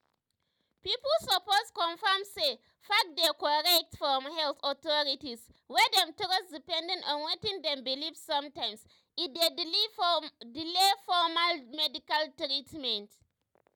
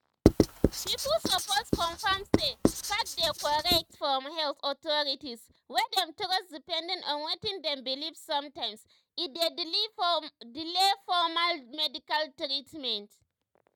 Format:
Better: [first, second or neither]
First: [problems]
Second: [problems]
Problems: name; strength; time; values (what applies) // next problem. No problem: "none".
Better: first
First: none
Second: noise reduction (neural mask model RNNoise)